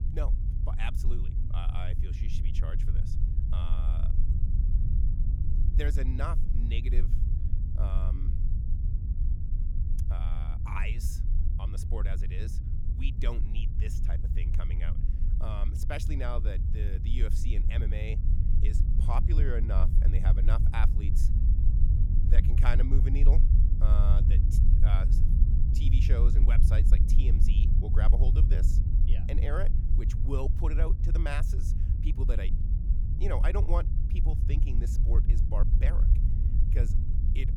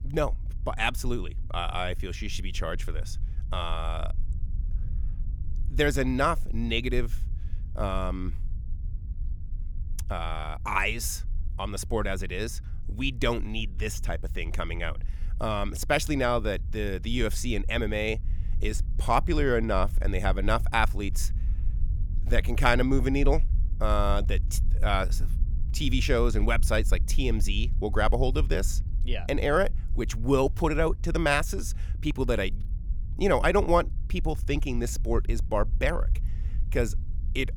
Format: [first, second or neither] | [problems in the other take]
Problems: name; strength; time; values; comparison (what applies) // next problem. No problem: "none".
second | low rumble; loud; throughout; 5 dB below the speech; faint in the second